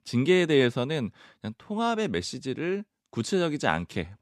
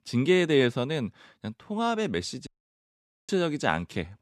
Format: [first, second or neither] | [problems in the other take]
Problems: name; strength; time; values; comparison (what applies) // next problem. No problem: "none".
first | audio cutting out; at 2.5 s for 1 s